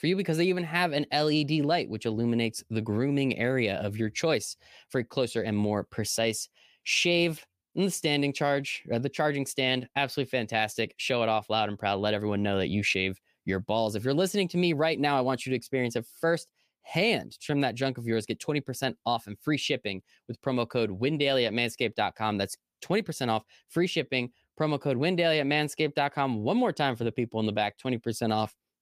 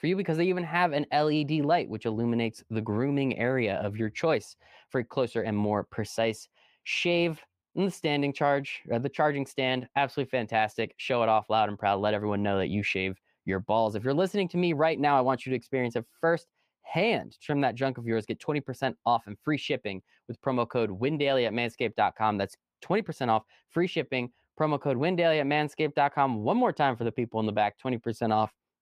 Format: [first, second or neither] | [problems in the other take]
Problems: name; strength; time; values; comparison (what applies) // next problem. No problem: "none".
first | muffled; slightly; fading above 4 kHz